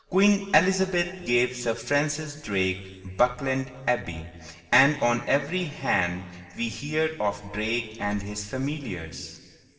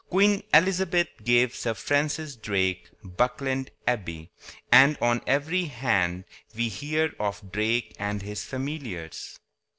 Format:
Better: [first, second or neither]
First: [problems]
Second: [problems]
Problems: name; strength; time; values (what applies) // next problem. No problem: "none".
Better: second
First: room echo; dies away in 2.3 s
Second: none